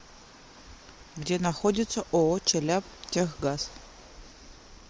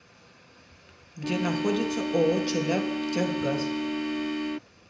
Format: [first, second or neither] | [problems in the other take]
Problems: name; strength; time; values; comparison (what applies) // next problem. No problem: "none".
first | background sound (Organ); 2 dB above the speech // room echo; dies away in 0.7 s